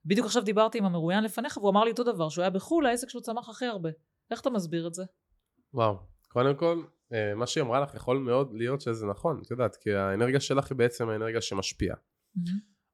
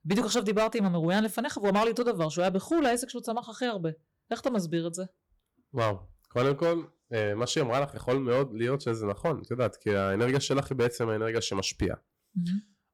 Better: first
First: none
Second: distortion; slight; 6% of the sound clipped

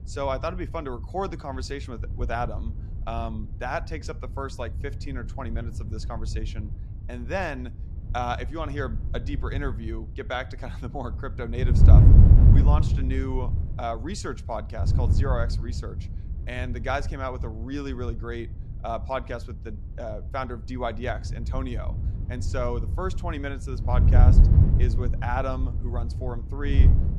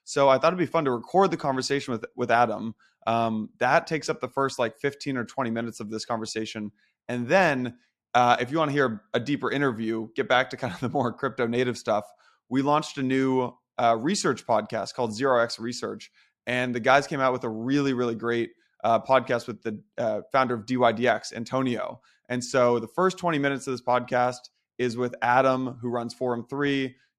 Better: second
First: wind noise on the microphone; heavy; 6 dB below the speech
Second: none

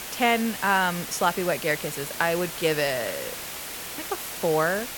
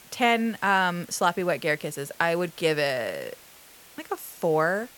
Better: second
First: hiss; loud; throughout; 8 dB below the speech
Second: hiss; faint; throughout; 25 dB below the speech

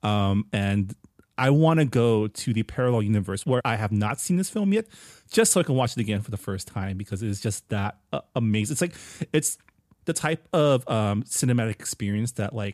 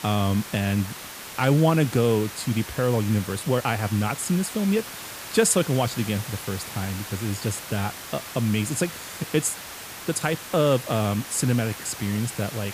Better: first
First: none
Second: hiss; noticeable; throughout; 10 dB below the speech

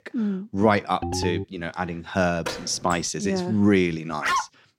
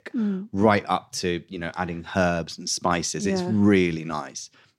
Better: second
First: phone ringing; noticeable; at 1 s; peak 5 dB below the speech // door banging; noticeable; at 2.5 s; peak 9 dB below the speech // dog barking; noticeable; at 4 s; peak level with the speech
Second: none

